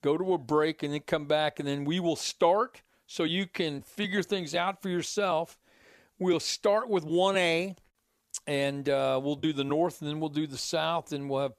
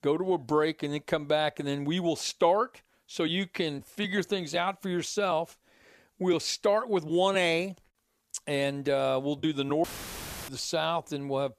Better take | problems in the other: first | audio cutting out; filled with static; at 10 s for 0.5 s

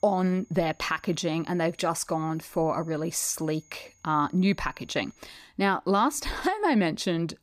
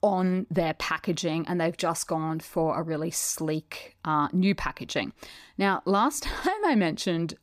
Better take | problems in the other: second | high-pitched whine; faint; until 5 s; 6.5 kHz, 30 dB below the speech

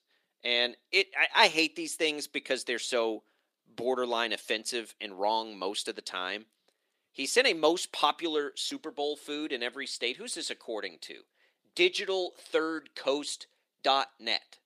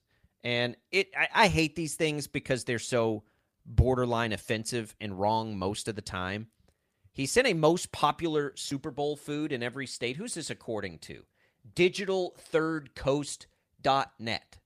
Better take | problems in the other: second | thin; somewhat; fading below 300 Hz

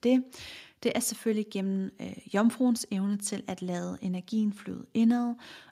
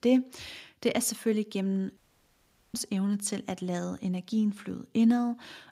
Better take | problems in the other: first | audio cutting out; at 2 s for 1 s

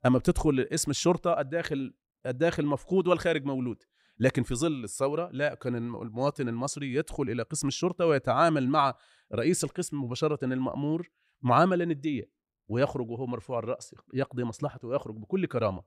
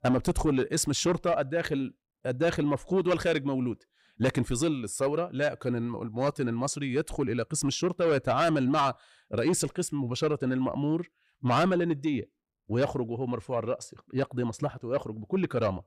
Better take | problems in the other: first | distortion; slight; 10 dB below the speech

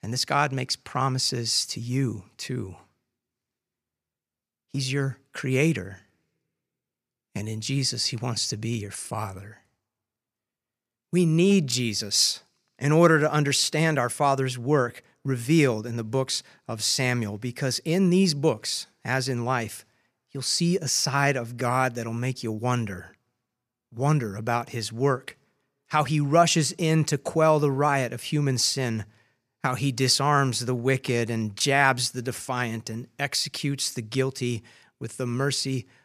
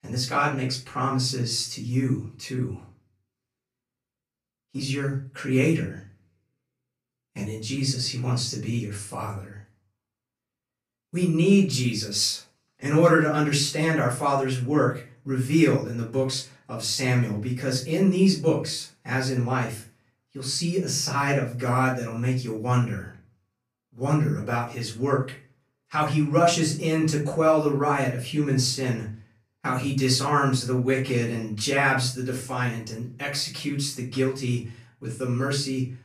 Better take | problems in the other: first | off-mic speech; far // room echo; slight; dies away in 0.3 s

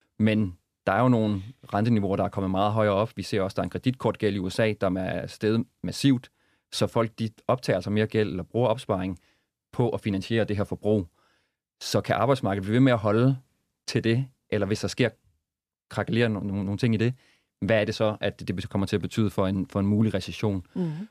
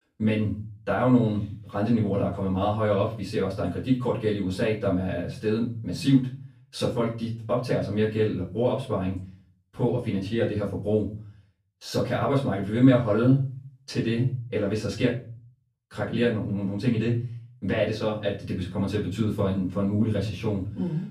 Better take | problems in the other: first | off-mic speech; far // room echo; slight; dies away in 0.4 s

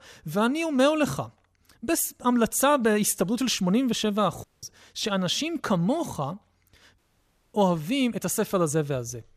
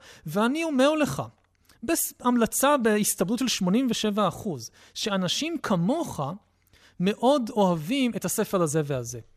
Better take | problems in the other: second | audio cutting out; at 4.5 s and at 7 s for 0.5 s

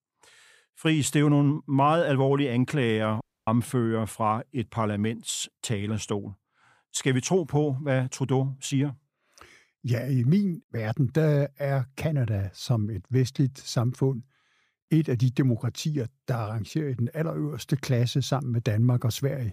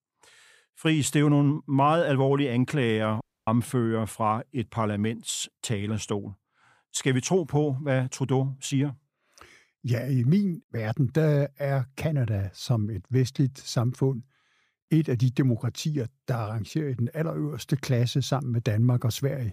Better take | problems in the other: neither | audio cutting out; at 3 s; the same in both

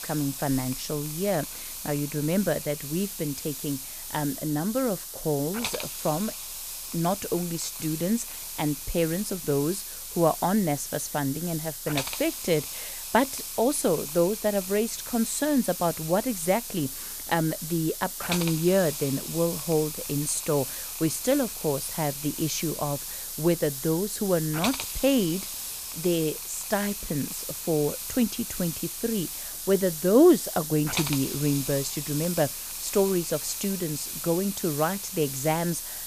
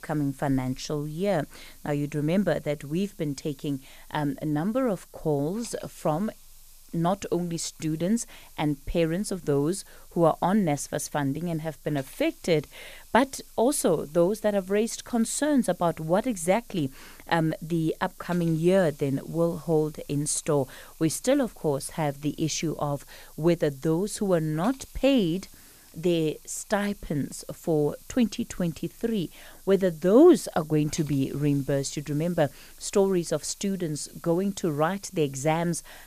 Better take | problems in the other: second | hiss; loud; throughout; 5 dB below the speech; faint in the second

